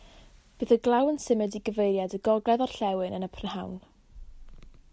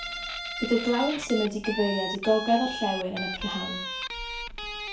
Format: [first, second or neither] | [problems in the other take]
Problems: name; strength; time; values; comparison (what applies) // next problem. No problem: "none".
first | background sound (Guitar); 6 dB below the speech // room echo; dies away in 0.3 s